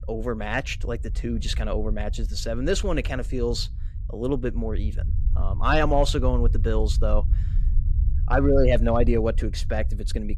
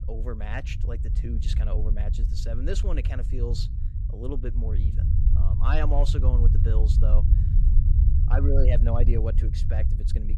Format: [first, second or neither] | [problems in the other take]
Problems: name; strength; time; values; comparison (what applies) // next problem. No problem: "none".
first | low rumble; loud; throughout; 6 dB below the speech; faint in the first